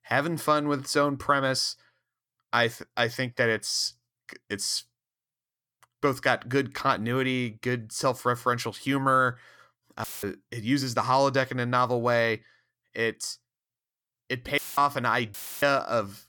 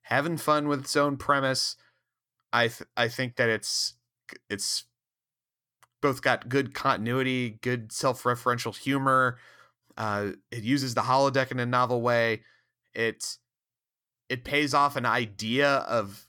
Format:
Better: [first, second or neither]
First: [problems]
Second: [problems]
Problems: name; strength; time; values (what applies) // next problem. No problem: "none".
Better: second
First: audio cutting out; filled with static; at 10 s and at 15 s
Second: none